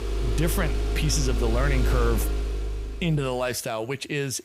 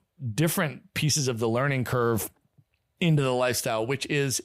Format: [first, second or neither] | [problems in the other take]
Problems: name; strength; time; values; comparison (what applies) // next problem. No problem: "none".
second | traffic noise; loud; throughout; as loud as the speech